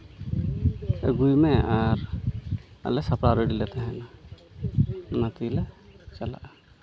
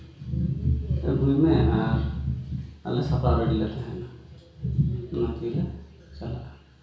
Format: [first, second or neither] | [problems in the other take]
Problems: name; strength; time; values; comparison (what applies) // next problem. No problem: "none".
first | room echo; dies away in 0.6 s